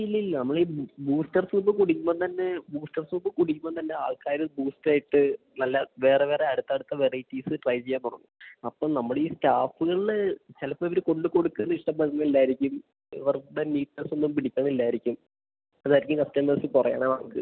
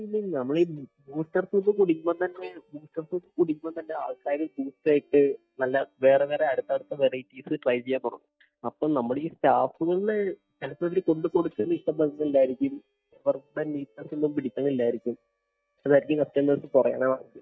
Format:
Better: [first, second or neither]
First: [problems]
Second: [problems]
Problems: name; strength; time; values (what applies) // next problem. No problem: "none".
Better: first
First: none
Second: noise reduction (neural mask model DeepFilterNet 3)